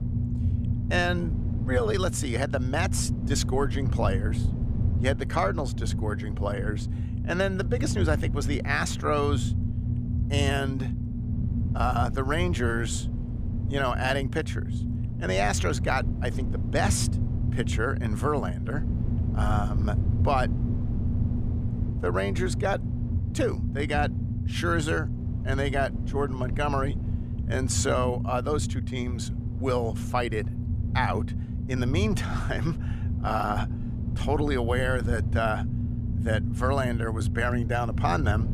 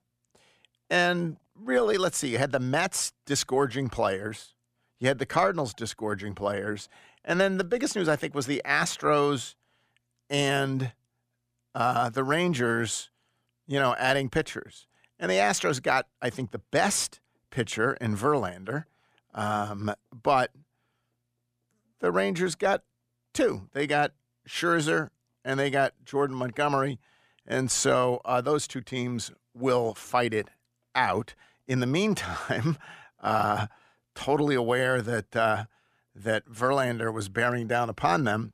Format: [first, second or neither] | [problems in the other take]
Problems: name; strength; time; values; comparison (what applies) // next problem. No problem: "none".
second | low rumble; noticeable; throughout; 10 dB below the speech